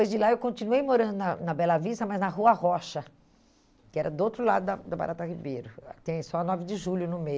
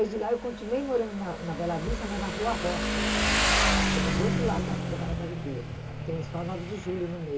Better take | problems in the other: first | background sound (Motorcycle); 3 dB above the speech // room echo; dies away in 0.2 s

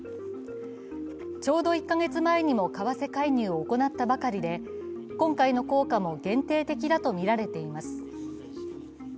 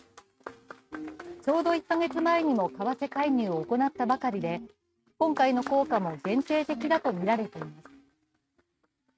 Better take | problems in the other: first | noise reduction (neural mask model RNNoise)

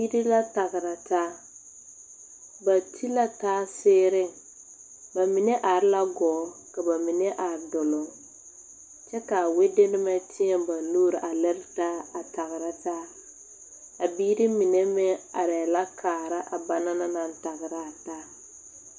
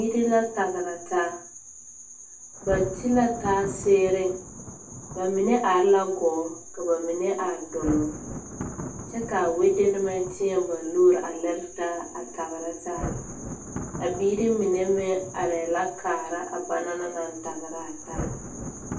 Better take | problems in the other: first | background sound (Thunder); 13 dB below the speech // room echo; dies away in 0.3 s

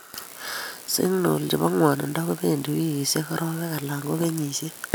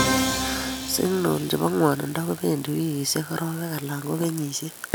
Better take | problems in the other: first | background sound (Musical instrument); 6 dB below the speech

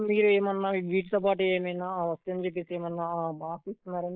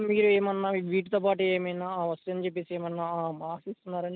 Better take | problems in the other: second | noise reduction (neural mask model Resemble Enhance denoiser)

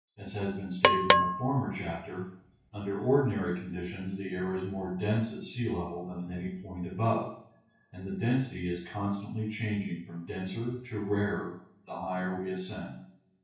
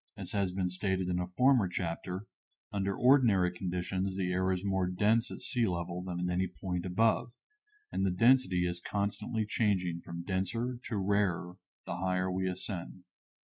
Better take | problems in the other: second | background sound (Percussion); 5 dB above the speech // room echo; dies away in 0.6 s

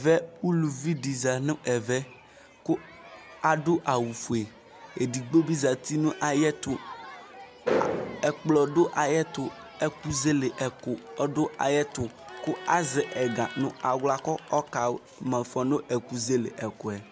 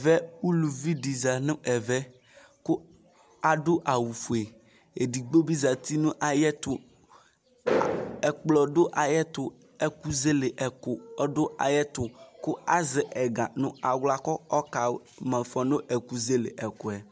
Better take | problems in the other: second | background sound (Crowd); 19 dB below the speech

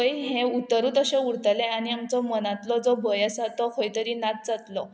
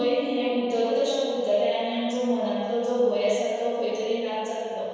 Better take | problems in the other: first | room echo; dies away in 1.9 s

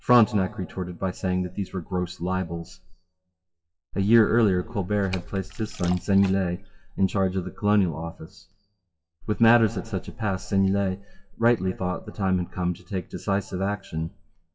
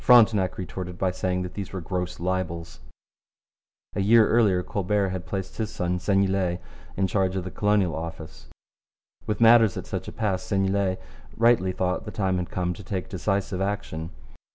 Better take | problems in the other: second | noise reduction (classical method WPE with log-MMSE)

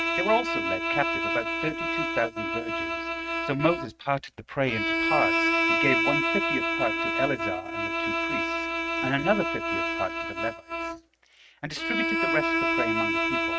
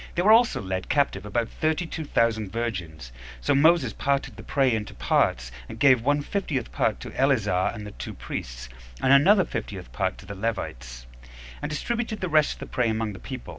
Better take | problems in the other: second | noise reduction (neural mask model RNNoise)

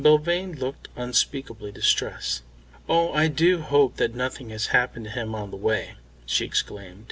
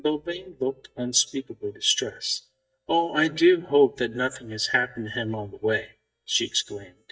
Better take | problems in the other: first | noise reduction (neural mask model DeepFilterNet 3)

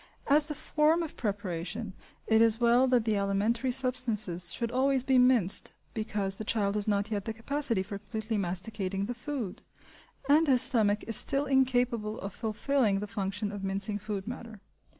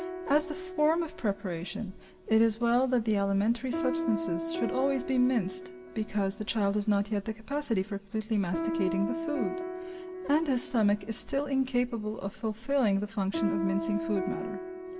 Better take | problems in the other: first | background sound (Piano); 8 dB below the speech // room echo; dies away in 1.9 s

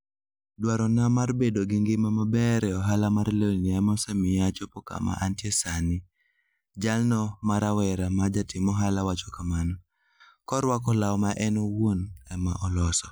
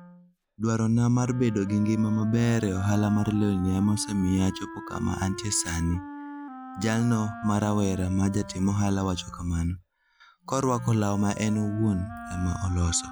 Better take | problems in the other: first | background sound (Wind instrument, woodwind instrument); 15 dB below the speech

